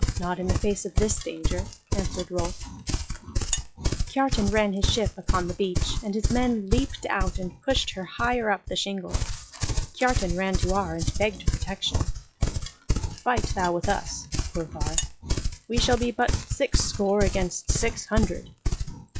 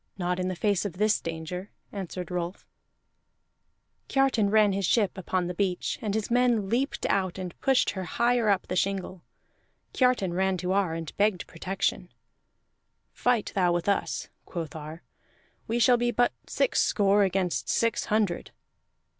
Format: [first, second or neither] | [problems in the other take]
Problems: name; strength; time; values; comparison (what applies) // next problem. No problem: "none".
second | noise reduction (classical method log-MMSE)